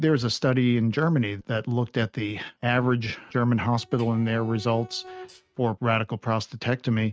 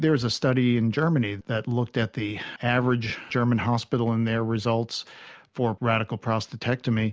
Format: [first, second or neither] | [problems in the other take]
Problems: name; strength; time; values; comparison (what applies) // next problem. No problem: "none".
second | noise reduction (neural mask model RNNoise)